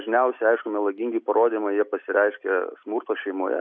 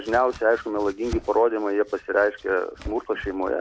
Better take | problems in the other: first | background sound (Domestic sounds, home sounds); 17 dB below the speech

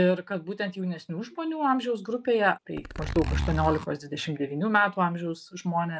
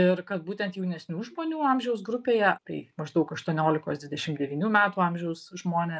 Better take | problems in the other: second | background sound (Zipper (clothing)); 4 dB below the speech

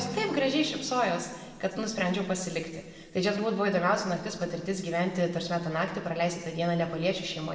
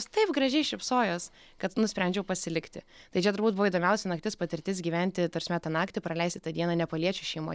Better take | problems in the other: second | background sound (Acoustic guitar); 19 dB below the speech // room echo; dies away in 1.5 s

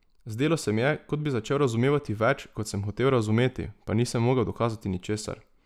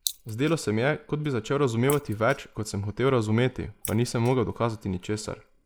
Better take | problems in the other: first | noise reduction (neural mask model Resemble Enhance denoiser)

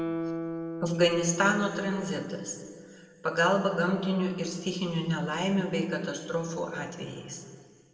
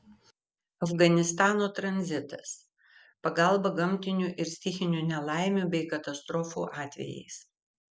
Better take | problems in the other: second | background sound (Guitar); 12 dB below the speech // room echo; dies away in 1.8 s

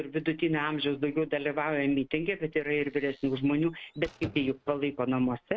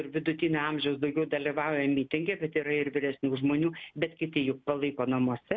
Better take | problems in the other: second | noise reduction (neural mask model RNNoise)

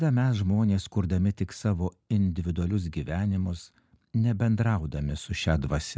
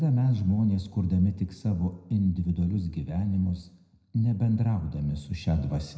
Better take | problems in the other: first | room echo; dies away in 0.8 s

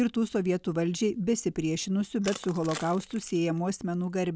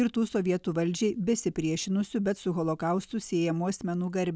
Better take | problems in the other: second | background sound (Crushing); 16 dB below the speech

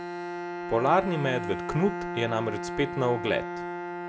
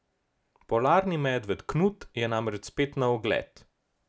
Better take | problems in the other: second | background sound (Bowed string instrument); 5 dB below the speech

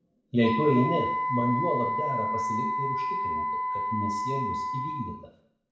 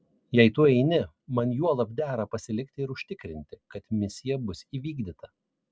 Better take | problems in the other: second | background sound (Wind instrument, woodwind instrument); as loud as the speech // room echo; dies away in 0.6 s

